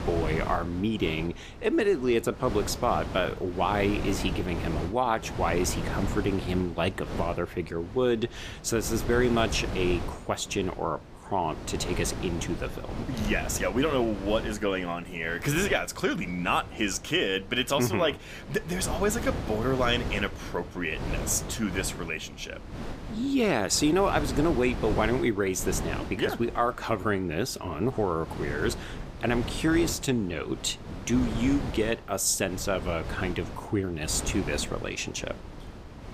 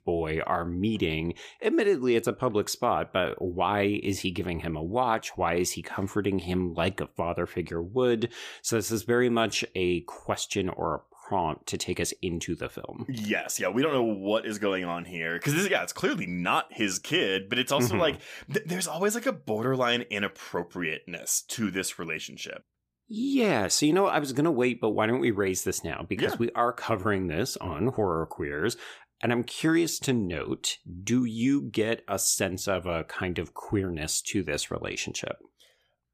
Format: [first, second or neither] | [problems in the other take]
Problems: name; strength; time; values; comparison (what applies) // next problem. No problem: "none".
second | wind noise on the microphone; occasional gusts; 10 dB below the speech